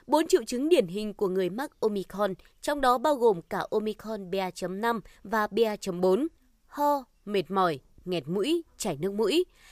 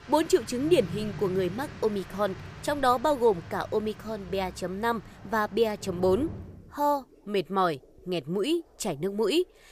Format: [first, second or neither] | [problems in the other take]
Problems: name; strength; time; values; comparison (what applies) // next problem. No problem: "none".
first | rain or running water; noticeable; throughout; 15 dB below the speech